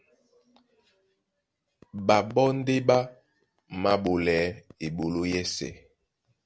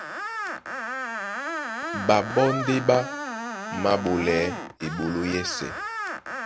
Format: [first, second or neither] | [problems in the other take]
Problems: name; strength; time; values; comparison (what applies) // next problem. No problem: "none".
first | background sound (Screech); 6 dB below the speech